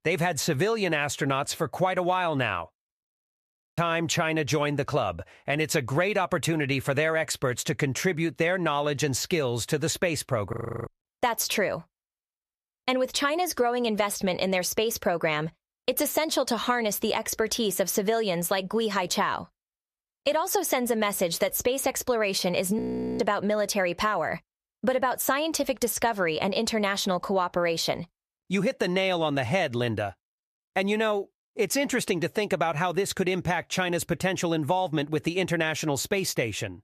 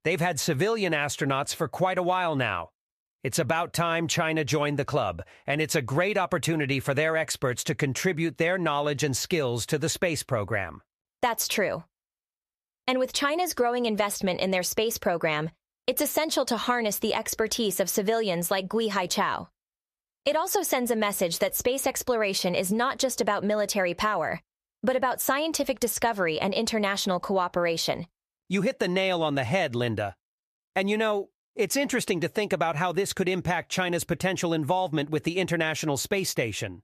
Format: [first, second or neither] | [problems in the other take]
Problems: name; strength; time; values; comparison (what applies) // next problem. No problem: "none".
second | audio freezing; at 3 s for 1 s, at 11 s and at 23 s